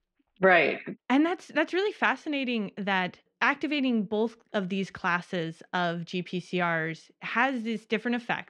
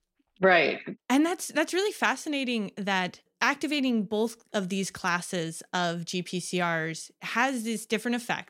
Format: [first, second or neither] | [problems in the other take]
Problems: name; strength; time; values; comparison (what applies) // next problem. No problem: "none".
second | muffled; slightly; fading above 2.5 kHz